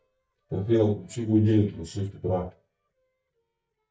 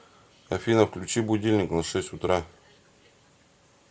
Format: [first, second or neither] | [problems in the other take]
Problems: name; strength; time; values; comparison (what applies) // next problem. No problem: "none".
second | noise reduction (neural mask model DeepFilterNet 3)